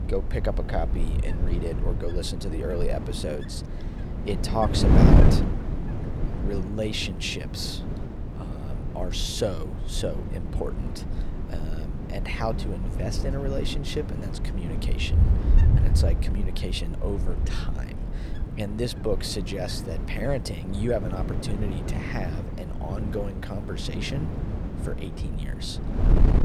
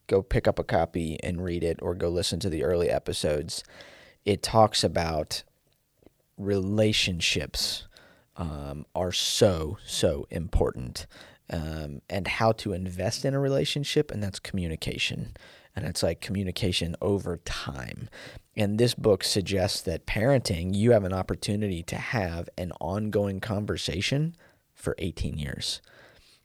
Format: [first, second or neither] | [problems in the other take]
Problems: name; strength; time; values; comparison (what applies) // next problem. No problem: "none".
second | wind noise on the microphone; heavy; 4 dB below the speech